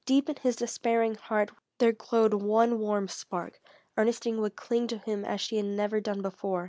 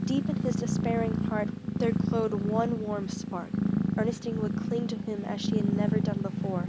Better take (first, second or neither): first